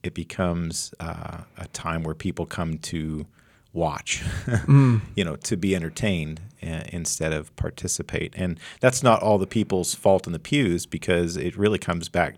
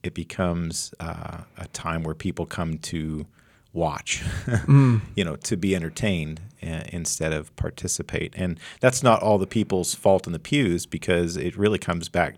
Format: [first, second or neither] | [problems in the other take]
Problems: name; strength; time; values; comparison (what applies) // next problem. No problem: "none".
neither | none